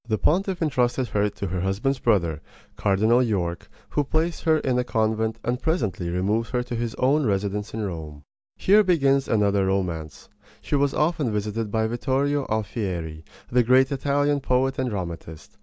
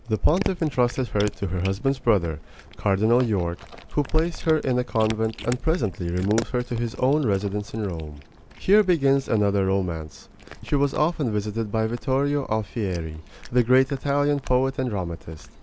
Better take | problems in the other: first | background sound (Cat); 17 dB below the speech

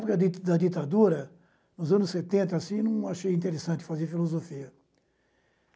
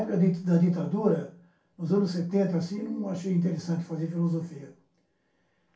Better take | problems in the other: first | room echo; dies away in 0.3 s

